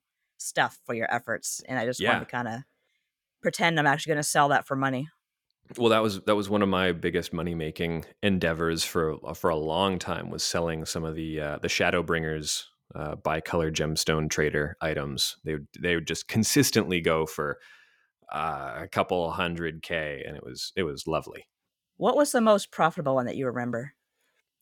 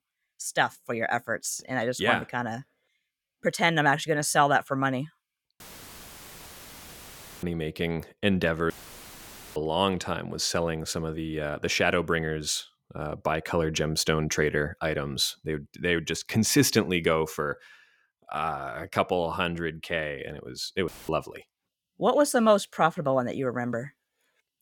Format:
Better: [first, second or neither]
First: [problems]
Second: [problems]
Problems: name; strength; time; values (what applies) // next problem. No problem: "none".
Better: first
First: none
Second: audio cutting out; filled with static; at 5.5 s for 2 s, at 8.5 s for 1 s and at 21 s